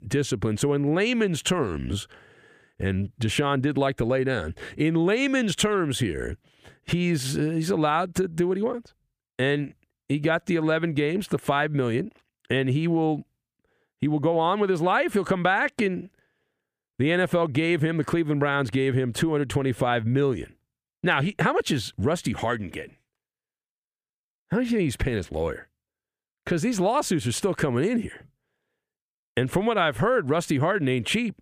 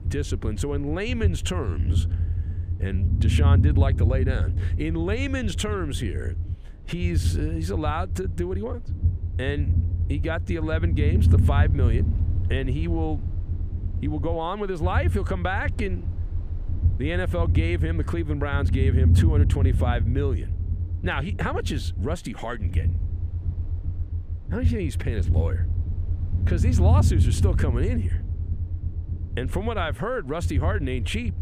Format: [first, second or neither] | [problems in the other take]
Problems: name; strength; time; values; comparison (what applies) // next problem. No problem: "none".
first | low rumble; loud; throughout; 9 dB below the speech